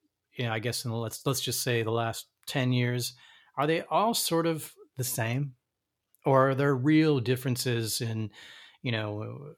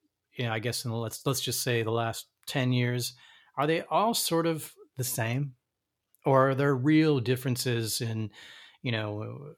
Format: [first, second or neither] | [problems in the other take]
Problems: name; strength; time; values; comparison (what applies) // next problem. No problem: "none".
neither | none